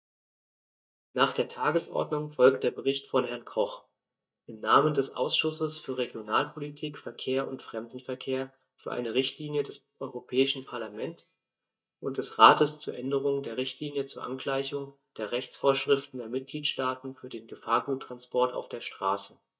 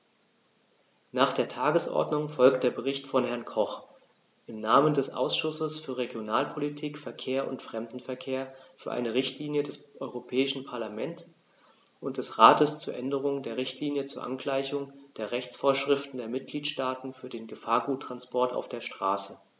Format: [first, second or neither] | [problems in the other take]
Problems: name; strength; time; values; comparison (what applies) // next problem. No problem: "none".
second | noise reduction (neural mask model DeepFilterNet 3)